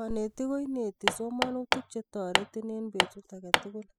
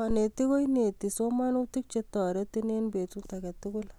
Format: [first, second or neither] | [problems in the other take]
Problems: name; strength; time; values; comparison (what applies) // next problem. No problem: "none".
second | noise reduction (classical method spectral subtraction)